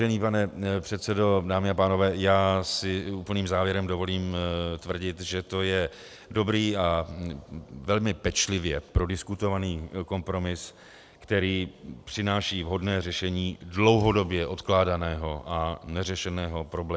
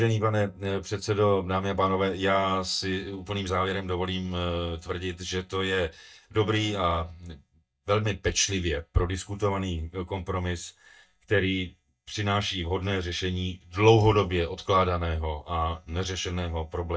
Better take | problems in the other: first | noise reduction (neural mask model DeepFilterNet 3)

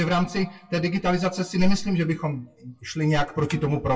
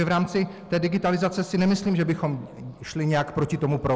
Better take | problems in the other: second | noise reduction (classical method WPE with log-MMSE)

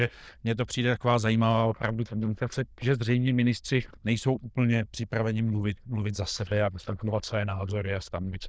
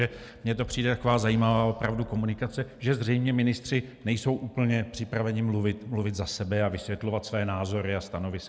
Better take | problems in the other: second | noise reduction (neural diffusion model UNIVERSE++)

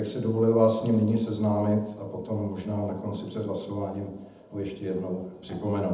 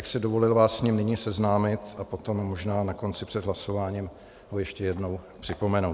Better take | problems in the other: second | room echo; dies away in 0.8 s

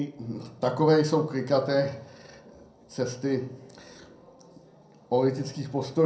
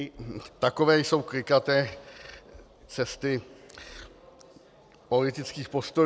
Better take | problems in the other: second | room echo; dies away in 0.6 s

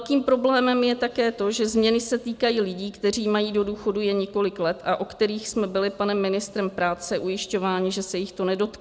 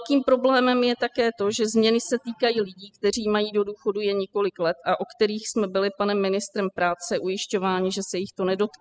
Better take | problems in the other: first | noise reduction (classical method spectral subtraction)

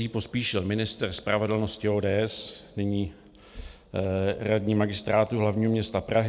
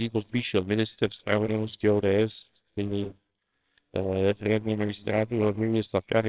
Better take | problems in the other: first | noise reduction (neural separator model SepFormer WHAMR!)

